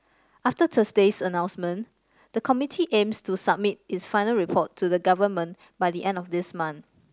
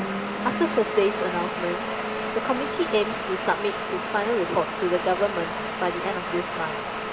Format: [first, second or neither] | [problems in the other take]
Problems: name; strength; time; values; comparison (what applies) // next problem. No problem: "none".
first | background sound (Domestic sounds, home sounds); 2 dB below the speech // room echo; dies away in 1 s